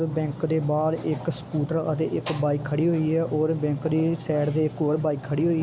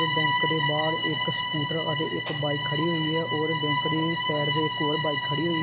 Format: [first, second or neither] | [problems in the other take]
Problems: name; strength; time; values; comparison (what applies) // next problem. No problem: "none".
first | background sound (Bowed string instrument); as loud as the speech